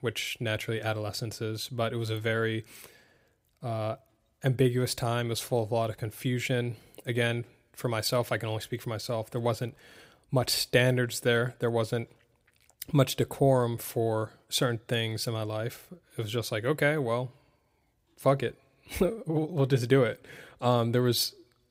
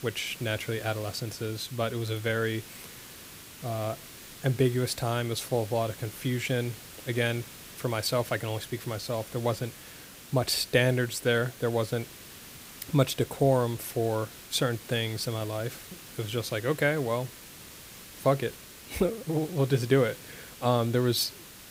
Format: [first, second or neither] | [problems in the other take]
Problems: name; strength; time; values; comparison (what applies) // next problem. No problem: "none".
first | hiss; noticeable; throughout; 15 dB below the speech